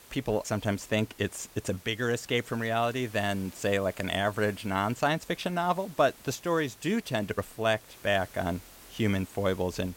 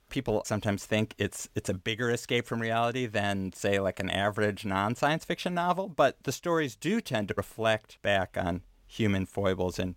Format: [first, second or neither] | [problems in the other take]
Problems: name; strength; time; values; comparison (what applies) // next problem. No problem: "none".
second | hiss; faint; throughout; 20 dB below the speech